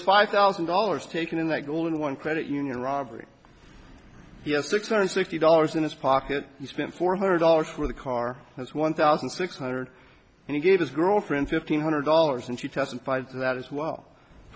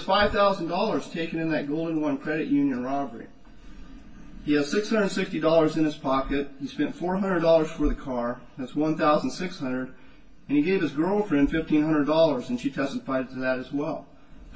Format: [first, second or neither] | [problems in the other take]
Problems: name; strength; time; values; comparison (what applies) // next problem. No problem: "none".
first | background sound (Bird); 18 dB below the speech // room echo; dies away in 0.1 s